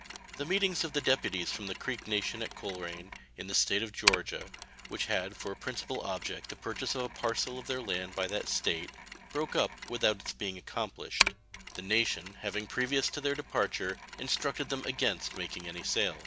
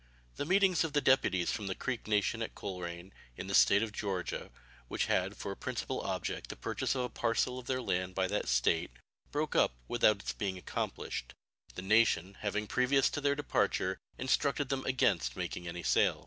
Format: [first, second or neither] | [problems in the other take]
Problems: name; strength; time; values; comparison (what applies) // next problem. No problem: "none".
second | background sound (Mechanisms); 6 dB below the speech